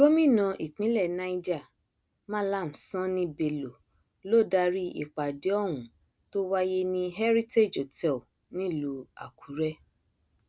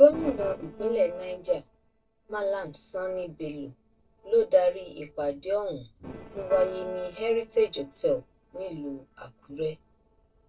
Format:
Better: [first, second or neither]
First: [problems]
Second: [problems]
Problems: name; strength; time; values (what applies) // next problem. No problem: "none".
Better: first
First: none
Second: noise reduction (neural separator model SepFormer DNS4)